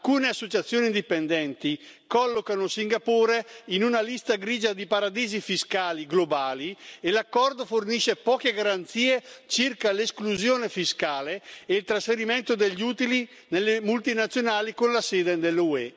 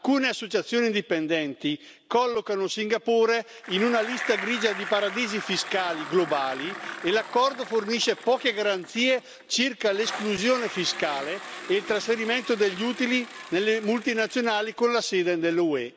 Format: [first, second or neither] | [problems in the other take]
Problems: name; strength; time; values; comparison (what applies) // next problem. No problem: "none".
first | background sound (Bicycle); 14 dB below the speech